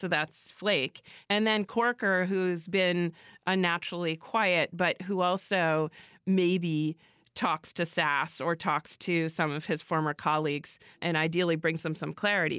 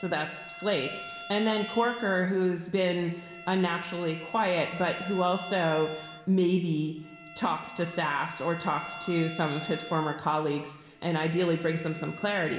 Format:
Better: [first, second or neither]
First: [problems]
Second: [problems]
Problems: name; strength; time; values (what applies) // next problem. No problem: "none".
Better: first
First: none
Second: background sound (Bowed string instrument); 15 dB below the speech // room echo; dies away in 1.1 s